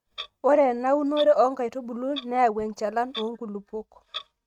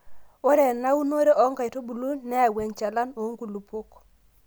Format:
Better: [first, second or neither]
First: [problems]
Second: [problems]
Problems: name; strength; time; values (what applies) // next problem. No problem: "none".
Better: second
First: noise reduction (neural mask model RNNoise)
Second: none